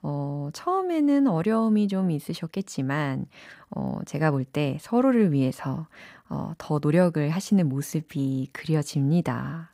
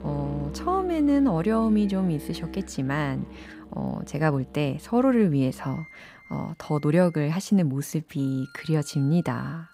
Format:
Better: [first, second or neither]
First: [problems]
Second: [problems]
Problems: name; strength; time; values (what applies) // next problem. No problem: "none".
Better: first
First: none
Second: background music; noticeable; throughout; 15 dB below the speech